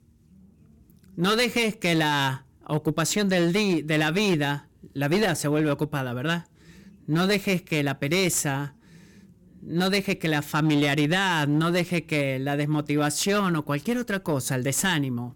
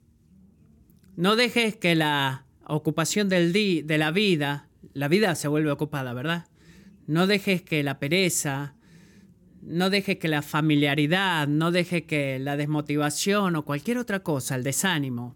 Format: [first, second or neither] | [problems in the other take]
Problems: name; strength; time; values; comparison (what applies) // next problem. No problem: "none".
second | distortion; slight; 10% of the sound clipped